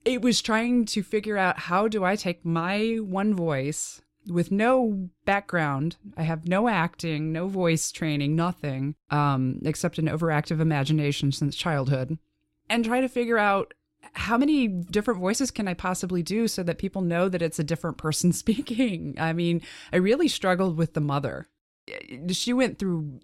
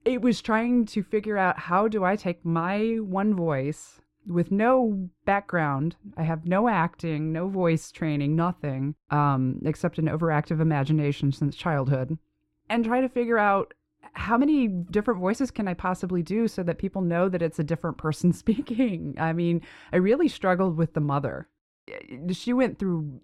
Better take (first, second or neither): first